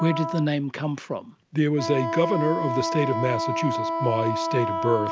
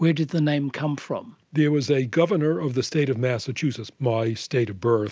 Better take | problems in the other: second | background sound (Wind instrument, woodwind instrument); 3 dB below the speech

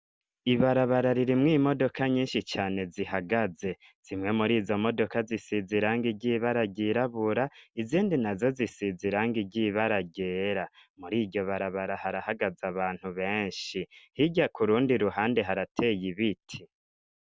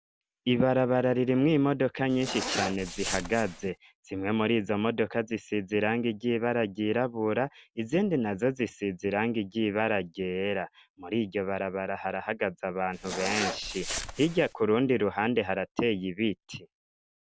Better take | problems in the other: first | background sound (Zipper (clothing)); 7 dB below the speech

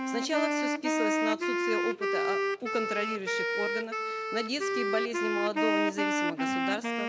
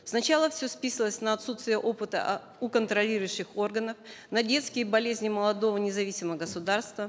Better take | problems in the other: second | background sound (Wind instrument, woodwind instrument); 5 dB above the speech

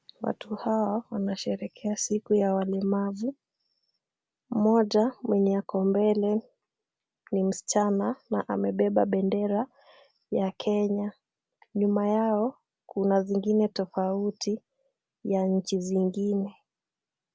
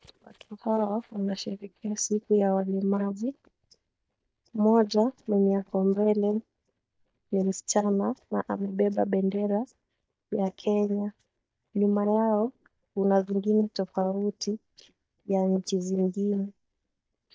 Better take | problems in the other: first | noise reduction (neural mask model DeepFilterNet 3)

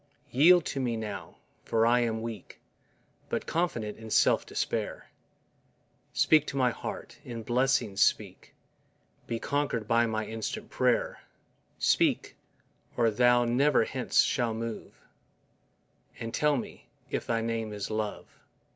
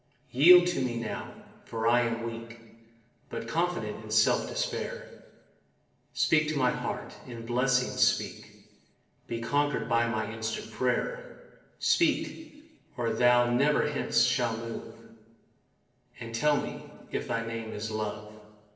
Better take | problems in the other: first | room echo; dies away in 1.2 s

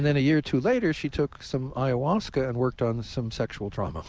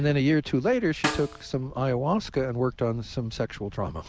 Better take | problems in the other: first | background sound (Snare drum); 11 dB below the speech

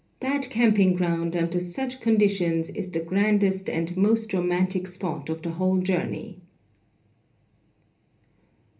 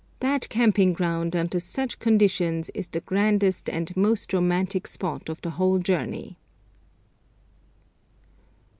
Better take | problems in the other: second | room echo; dies away in 0.3 s

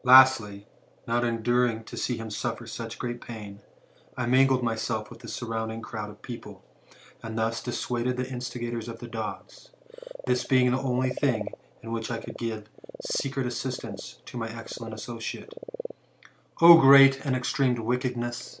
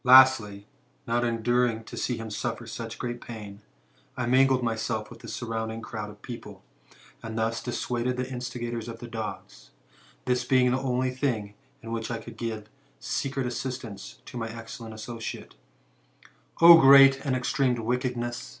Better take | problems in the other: second | background sound (Frog); 18 dB below the speech

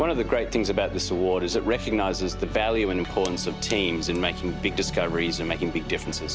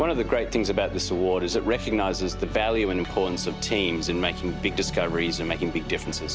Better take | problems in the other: second | background sound (Fire); 20 dB below the speech

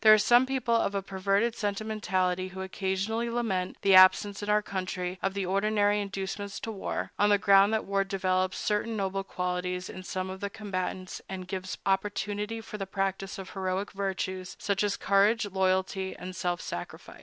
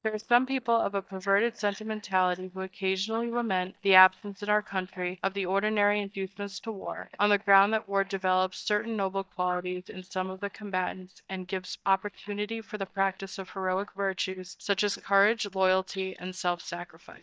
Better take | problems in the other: first | noise reduction (neural mask model DeepFilterNet 3)

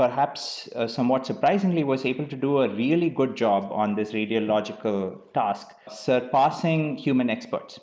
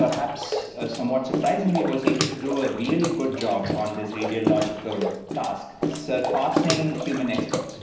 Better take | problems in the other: first | background sound (Bathtub (filling or washing) / Water / Splash, splatter); 2 dB below the speech // room echo; dies away in 0.9 s

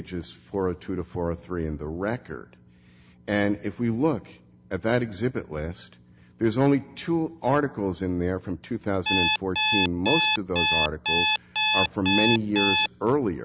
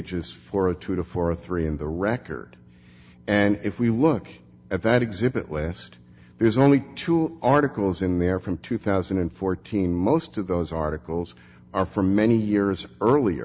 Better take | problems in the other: second | background sound (Alarm); 3 dB above the speech

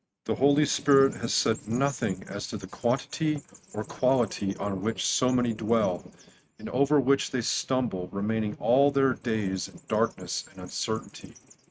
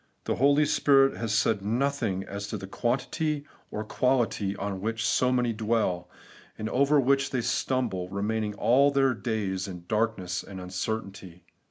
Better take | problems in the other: second | noise reduction (neural mask model RNNoise)

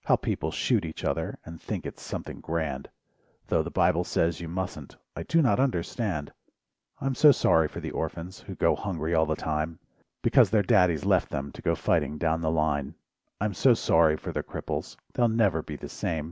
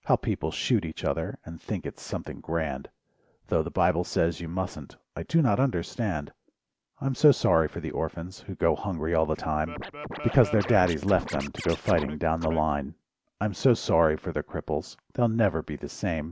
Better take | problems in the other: first | background sound (Scratching (performance technique)); 10 dB below the speech

